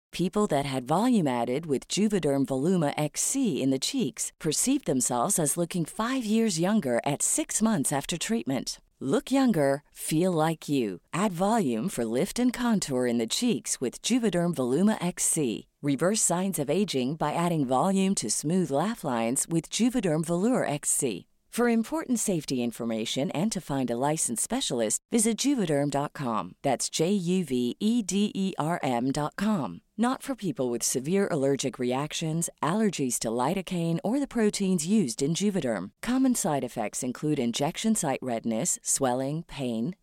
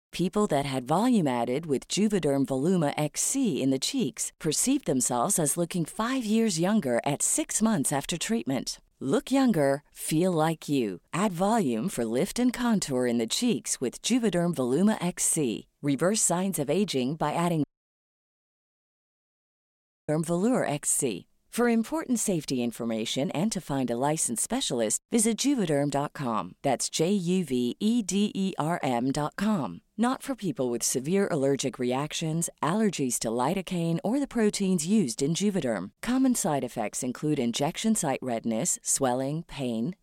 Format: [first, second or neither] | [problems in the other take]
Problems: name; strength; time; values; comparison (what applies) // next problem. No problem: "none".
first | audio cutting out; at 18 s for 2.5 s